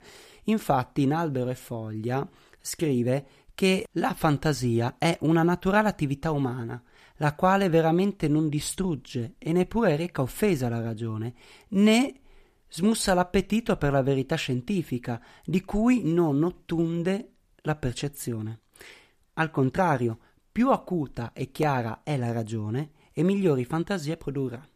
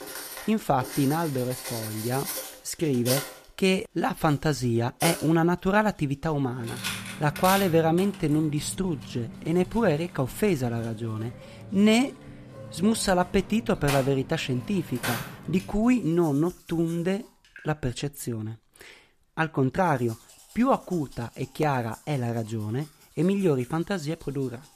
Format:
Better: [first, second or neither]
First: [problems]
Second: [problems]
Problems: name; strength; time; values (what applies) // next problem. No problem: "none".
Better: first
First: none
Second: household noises; loud; throughout; 10 dB below the speech